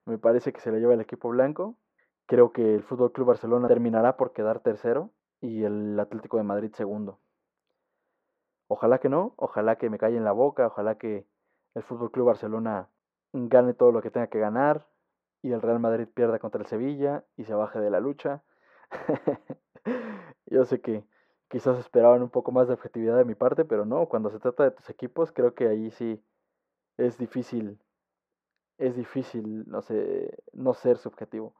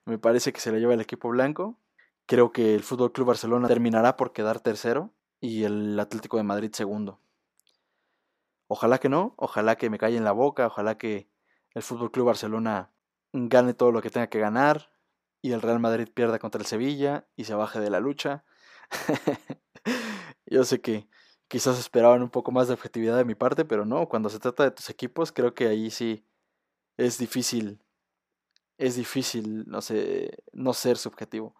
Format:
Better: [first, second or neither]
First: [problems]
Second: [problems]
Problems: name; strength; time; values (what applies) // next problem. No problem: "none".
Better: second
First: muffled; very; fading above 3.5 kHz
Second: none